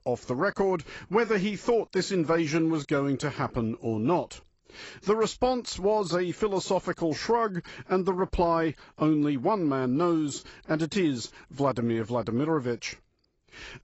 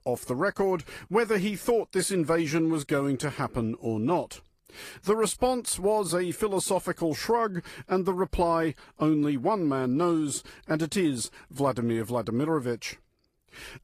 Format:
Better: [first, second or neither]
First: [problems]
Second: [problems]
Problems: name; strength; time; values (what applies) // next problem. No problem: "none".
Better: second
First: garbled, watery; badly; nothing above 8 kHz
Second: garbled, watery; slightly; nothing above 14.5 kHz